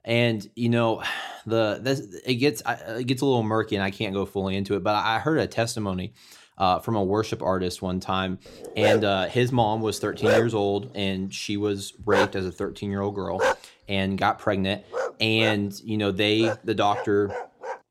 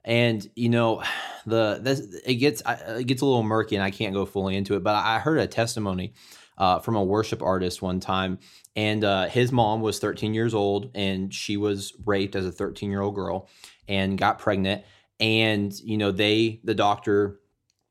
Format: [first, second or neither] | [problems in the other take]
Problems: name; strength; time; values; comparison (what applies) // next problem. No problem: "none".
second | dog barking; loud; from 8.5 s on; peak 3 dB above the speech